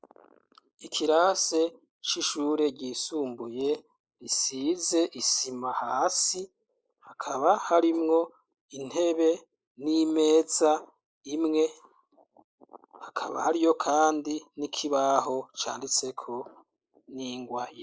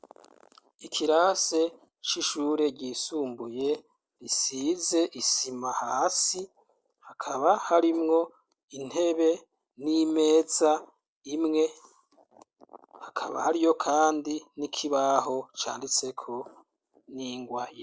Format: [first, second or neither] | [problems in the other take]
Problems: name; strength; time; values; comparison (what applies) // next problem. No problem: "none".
second | noise reduction (neural mask model Resemble Enhance denoiser)